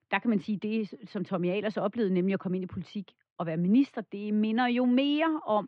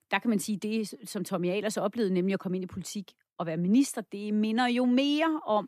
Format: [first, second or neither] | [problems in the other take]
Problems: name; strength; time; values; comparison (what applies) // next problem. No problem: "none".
second | muffled; slightly; fading above 3.5 kHz